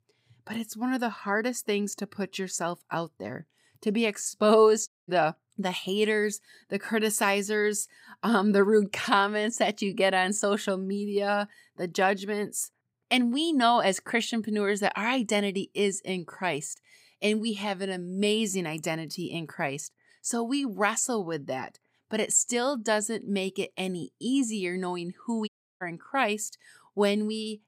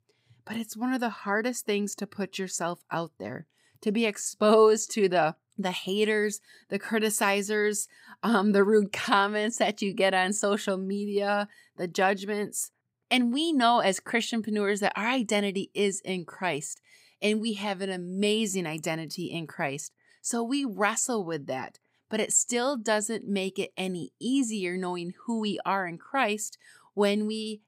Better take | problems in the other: second | audio cutting out; at 5 s and at 25 s

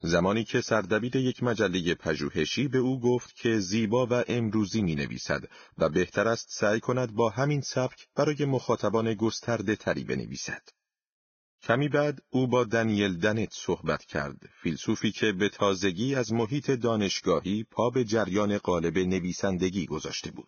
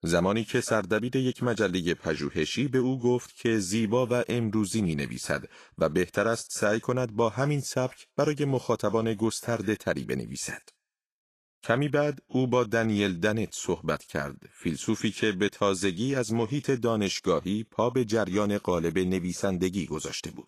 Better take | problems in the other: second | garbled, watery; badly; nothing above 6.5 kHz; slightly in the second

